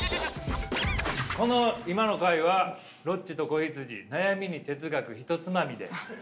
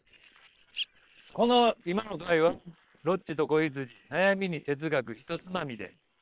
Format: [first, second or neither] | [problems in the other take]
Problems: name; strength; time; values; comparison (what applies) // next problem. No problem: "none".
first | noise reduction (neural separator model SepFormer WHAM!)